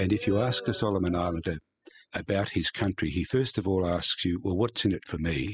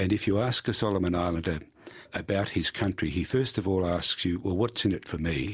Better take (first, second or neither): second